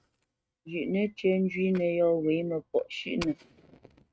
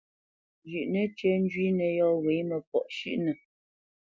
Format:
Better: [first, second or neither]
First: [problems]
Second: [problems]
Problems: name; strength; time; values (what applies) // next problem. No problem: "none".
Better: second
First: noise reduction (neural mask model RNNoise)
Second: none